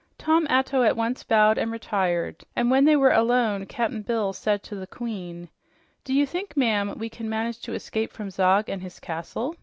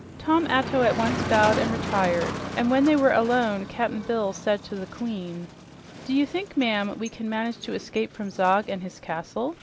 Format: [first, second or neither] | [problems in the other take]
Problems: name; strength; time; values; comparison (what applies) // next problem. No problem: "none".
first | background sound (Motor vehicle (road)); 9 dB below the speech